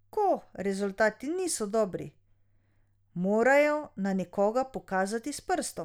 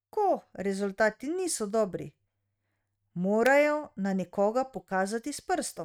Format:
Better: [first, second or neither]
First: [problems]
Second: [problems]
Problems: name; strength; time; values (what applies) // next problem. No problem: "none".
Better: first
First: none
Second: noise reduction (neural mask model RNNoise)